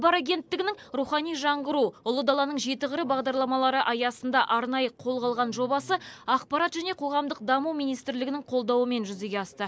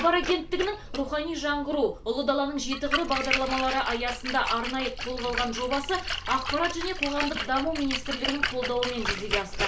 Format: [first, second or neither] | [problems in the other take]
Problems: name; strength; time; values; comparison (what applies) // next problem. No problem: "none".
first | background sound (Splash, splatter); 4 dB below the speech // room echo; dies away in 0.3 s